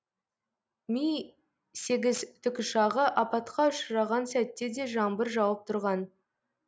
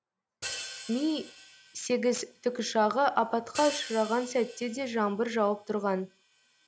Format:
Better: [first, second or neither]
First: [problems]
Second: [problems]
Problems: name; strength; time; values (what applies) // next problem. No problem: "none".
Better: first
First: none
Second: background sound (Hi-hat); 15 dB below the speech